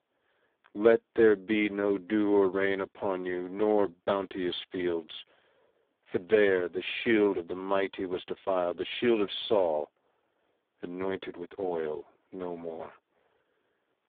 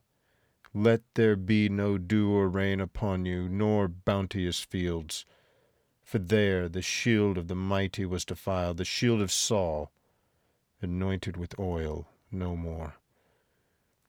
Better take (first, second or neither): second